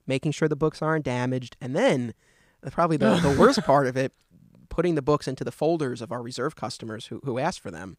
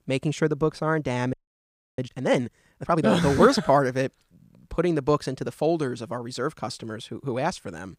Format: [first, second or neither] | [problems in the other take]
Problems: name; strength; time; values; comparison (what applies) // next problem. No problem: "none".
first | audio freezing; at 1.5 s for 0.5 s